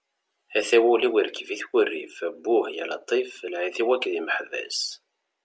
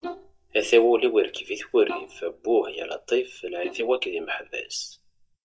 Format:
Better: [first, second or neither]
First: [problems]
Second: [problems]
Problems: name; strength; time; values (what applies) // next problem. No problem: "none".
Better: first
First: none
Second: noise reduction (neural mask model DeepFilterNet 3)